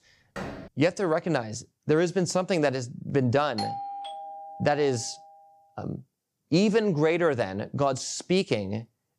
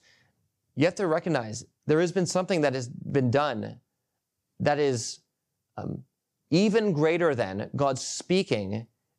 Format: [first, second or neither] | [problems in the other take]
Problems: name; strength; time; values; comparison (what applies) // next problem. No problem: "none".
second | door banging; faint; at 0.5 s; peak 10 dB below the speech // doorbell; noticeable; from 3.5 to 5 s; peak 7 dB below the speech